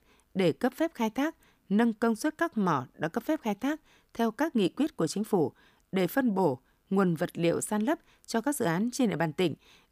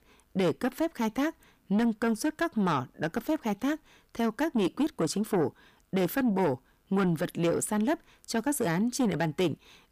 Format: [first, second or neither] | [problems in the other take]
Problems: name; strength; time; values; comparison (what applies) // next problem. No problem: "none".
first | distortion; slight; 10 dB below the speech